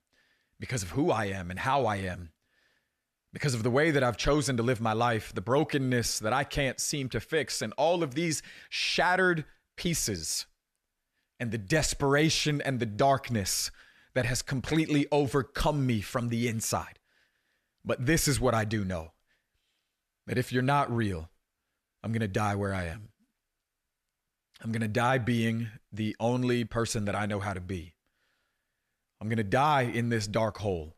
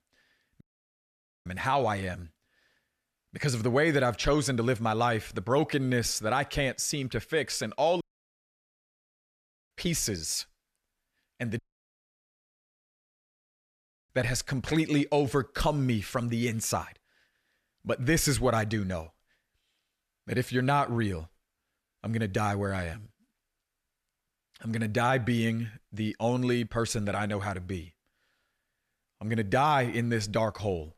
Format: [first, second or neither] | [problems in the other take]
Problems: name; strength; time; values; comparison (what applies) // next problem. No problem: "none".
first | audio cutting out; at 0.5 s for 1 s, at 8 s for 1.5 s and at 12 s for 2.5 s